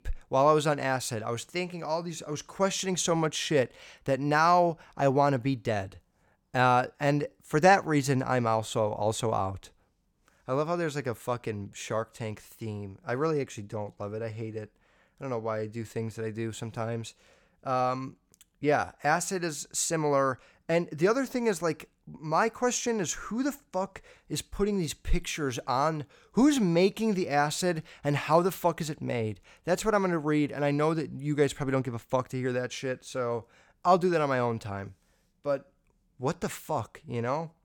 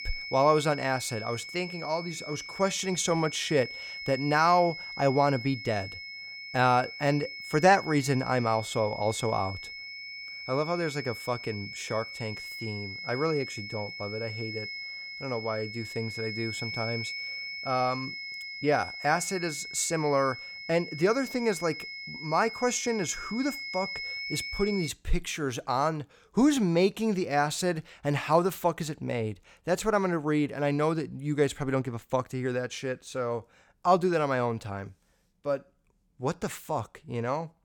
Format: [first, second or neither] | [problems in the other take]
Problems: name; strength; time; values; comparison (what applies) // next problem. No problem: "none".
first | high-pitched whine; loud; until 25 s; 2 kHz, 8 dB below the speech